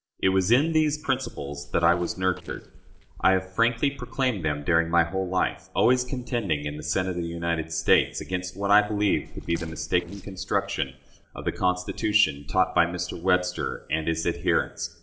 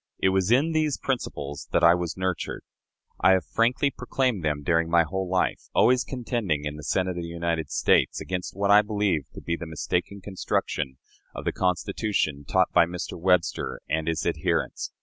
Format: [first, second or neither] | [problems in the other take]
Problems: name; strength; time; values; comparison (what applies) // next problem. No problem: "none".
second | noise reduction (neural separator model SepFormer DNS4)